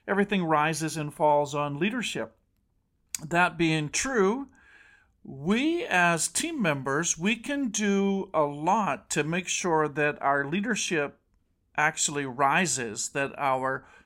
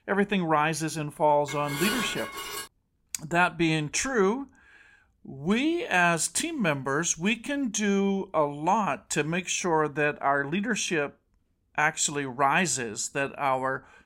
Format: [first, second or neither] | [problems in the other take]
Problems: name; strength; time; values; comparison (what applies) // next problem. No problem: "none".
first | clattering dishes; noticeable; from 1.5 to 2.5 s; peak 3 dB below the speech